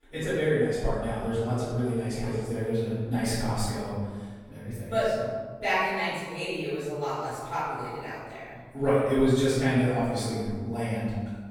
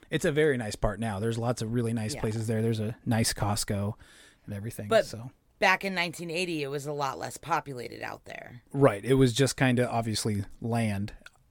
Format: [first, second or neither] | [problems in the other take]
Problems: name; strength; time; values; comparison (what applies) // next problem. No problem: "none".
second | off-mic speech; far // room echo; strong; dies away in 1.4 s